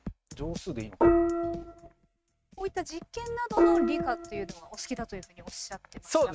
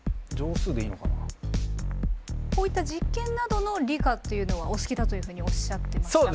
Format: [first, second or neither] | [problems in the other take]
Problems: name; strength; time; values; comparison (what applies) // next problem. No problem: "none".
second | noise reduction (neural mask model RNNoise)